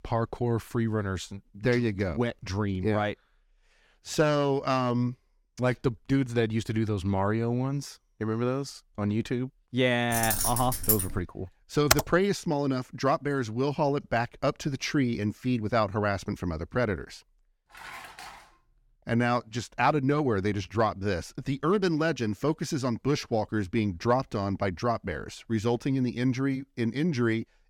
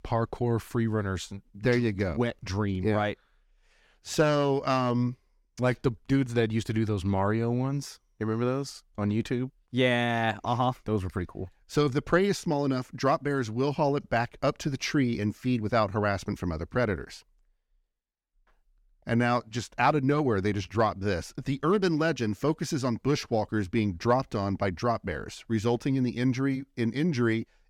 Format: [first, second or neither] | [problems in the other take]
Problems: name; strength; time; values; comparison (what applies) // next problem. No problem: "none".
second | jangling keys; loud; from 10 to 11 s; peak 3 dB above the speech // keyboard typing; loud; at 12 s; peak 3 dB above the speech // clattering dishes; faint; at 18 s; peak 15 dB below the speech